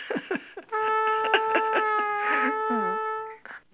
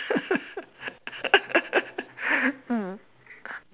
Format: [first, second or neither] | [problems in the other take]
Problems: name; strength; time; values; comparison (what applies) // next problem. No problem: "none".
second | background sound (Trumpet); 5 dB above the speech